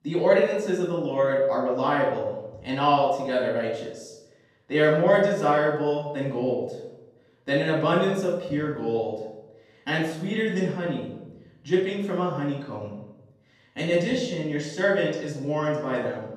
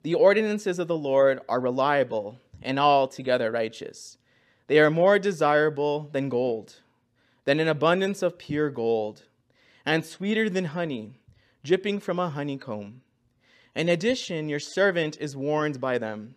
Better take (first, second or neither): second